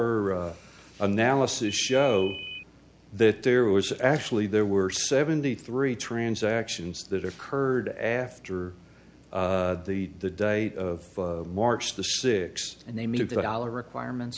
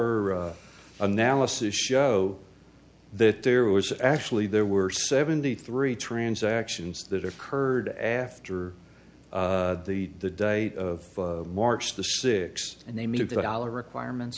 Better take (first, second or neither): second